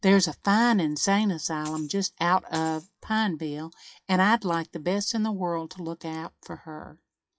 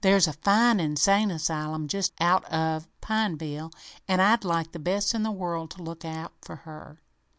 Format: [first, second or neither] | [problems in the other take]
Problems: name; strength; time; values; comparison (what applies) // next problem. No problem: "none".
second | noise reduction (classical method WPE with log-MMSE)